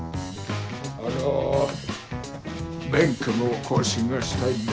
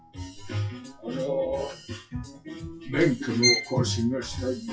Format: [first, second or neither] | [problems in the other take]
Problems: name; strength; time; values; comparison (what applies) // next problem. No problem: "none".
first | noise reduction (classical method WPE with log-MMSE)